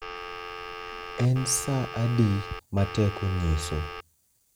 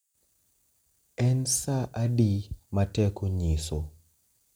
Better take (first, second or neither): second